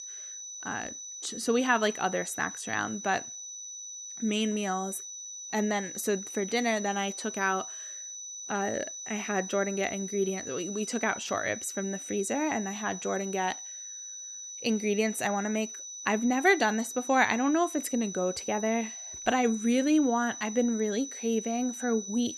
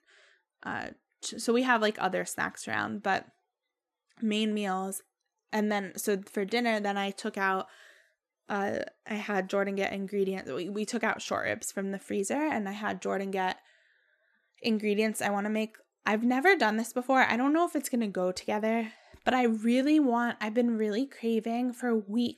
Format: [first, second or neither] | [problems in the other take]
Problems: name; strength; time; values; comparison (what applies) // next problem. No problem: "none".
second | high-pitched whine; loud; throughout; 6 kHz, 9 dB below the speech